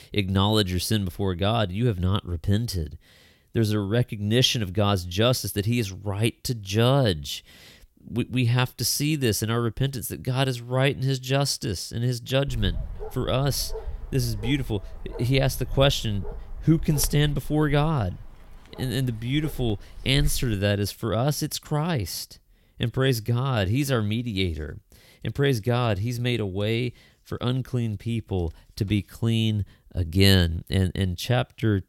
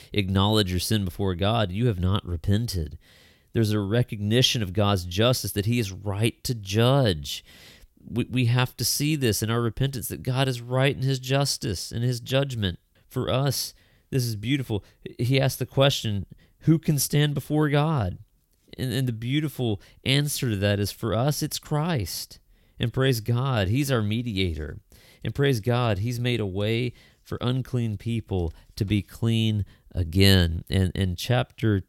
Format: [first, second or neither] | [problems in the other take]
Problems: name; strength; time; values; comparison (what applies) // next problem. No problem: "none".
second | dog barking; noticeable; from 12 to 21 s; peak 9 dB below the speech